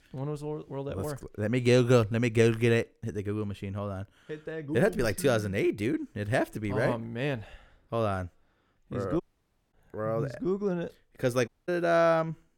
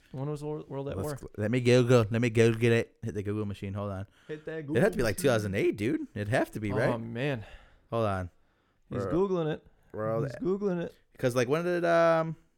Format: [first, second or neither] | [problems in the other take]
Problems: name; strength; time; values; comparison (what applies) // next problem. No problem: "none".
second | audio cutting out; at 9 s for 0.5 s and at 11 s